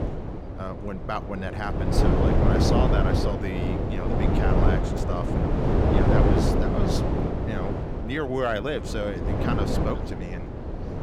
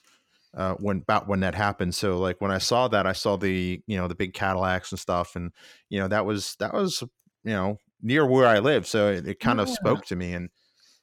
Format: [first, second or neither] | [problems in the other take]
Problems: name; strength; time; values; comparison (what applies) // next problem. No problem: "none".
second | wind noise on the microphone; heavy; 2 dB above the speech